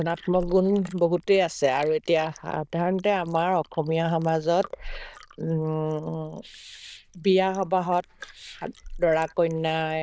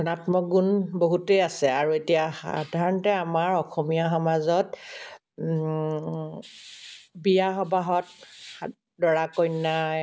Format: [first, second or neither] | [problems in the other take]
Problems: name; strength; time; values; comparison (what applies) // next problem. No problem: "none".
second | noise reduction (neural diffusion model UNIVERSE++)